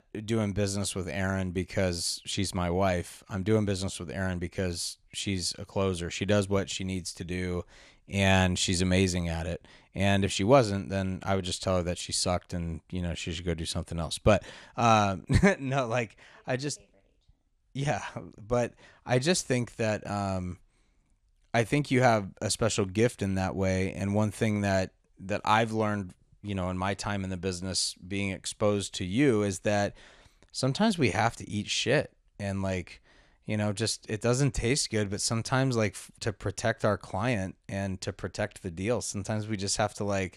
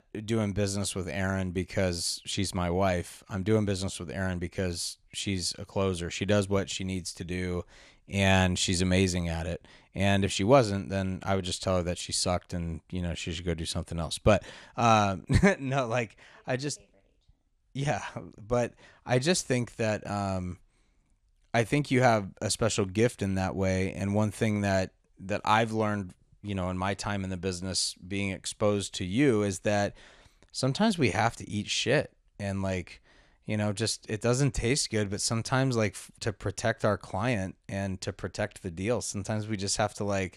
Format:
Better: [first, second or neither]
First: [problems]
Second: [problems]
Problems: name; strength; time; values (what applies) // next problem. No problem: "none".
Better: neither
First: none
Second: none